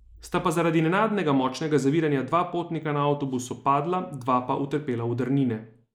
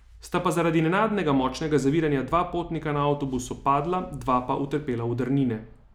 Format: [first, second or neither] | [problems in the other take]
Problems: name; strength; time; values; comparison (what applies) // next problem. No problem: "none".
second | noise reduction (neural mask model Resemble Enhance denoiser)